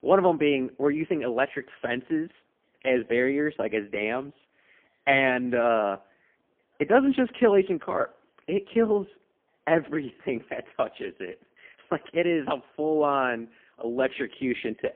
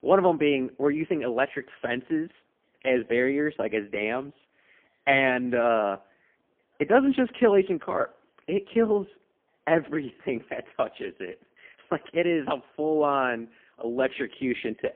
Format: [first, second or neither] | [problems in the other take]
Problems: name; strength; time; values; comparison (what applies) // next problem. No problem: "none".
neither | phone-call audio; poor line; nothing above 3.5 kHz; the same in both